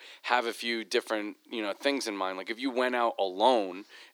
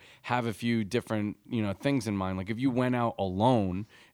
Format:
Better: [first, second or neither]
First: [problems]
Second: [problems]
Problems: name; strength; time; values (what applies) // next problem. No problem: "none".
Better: second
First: thin; somewhat; fading below 300 Hz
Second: none